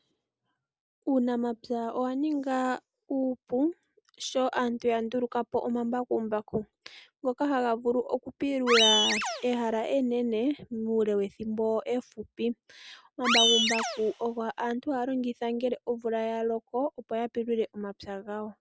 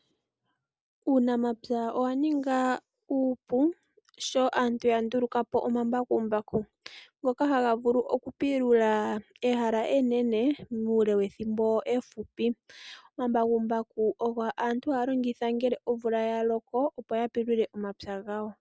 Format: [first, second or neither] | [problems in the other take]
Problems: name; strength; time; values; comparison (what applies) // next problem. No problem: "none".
second | background sound (Animal); 1 dB above the speech